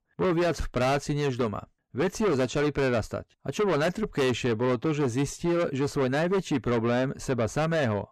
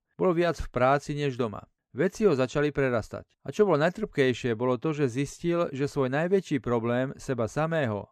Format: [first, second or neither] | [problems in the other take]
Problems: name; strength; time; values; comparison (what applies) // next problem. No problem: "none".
second | distortion; heavy; 7 dB below the speech